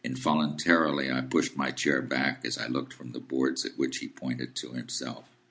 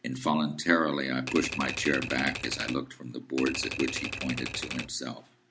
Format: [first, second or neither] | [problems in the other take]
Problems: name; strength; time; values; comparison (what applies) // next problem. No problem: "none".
first | background sound (Typewriter); 7 dB below the speech